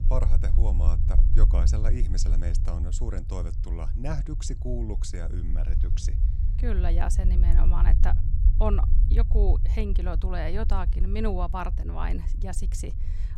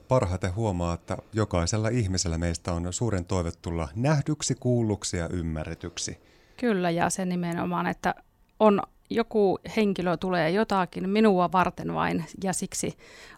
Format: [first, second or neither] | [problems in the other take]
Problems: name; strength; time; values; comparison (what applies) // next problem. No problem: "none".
second | low rumble; loud; throughout; 9 dB below the speech